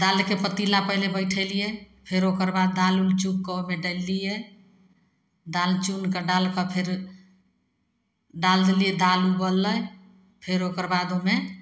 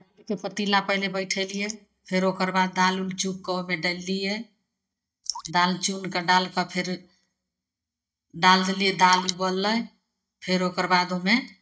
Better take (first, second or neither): first